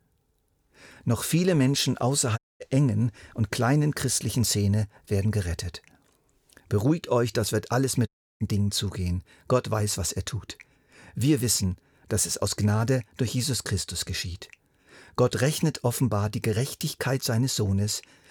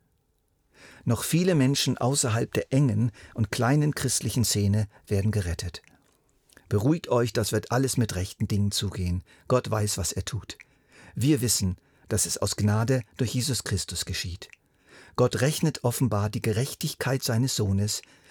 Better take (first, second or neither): second